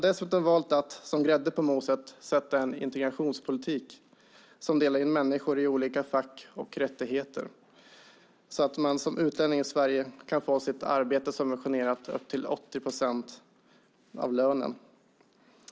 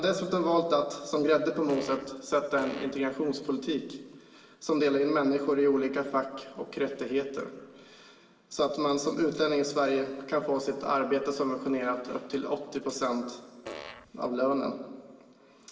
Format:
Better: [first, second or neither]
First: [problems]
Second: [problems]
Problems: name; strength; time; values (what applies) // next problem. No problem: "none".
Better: first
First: none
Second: background sound (Fart); 13 dB below the speech // room echo; dies away in 2.3 s